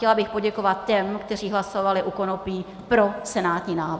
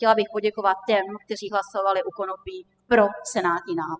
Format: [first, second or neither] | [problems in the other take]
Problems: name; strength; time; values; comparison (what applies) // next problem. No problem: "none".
first | noise reduction (classical method spectral subtraction)